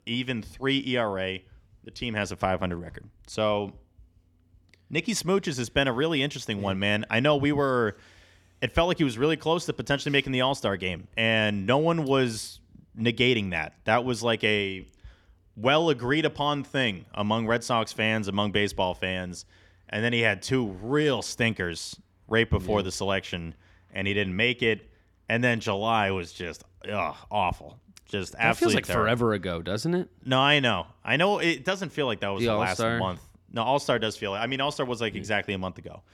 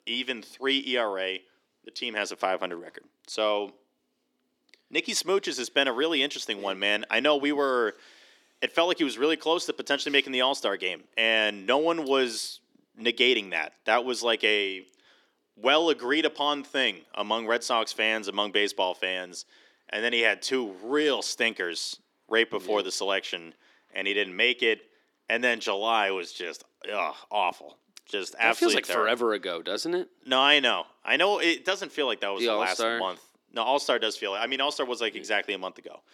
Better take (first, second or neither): first